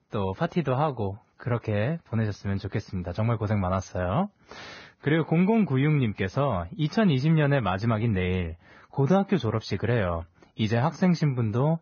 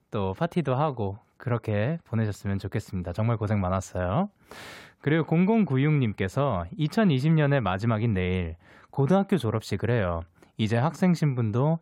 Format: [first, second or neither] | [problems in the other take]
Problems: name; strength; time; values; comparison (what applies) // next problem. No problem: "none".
second | garbled, watery; badly; nothing above 6.5 kHz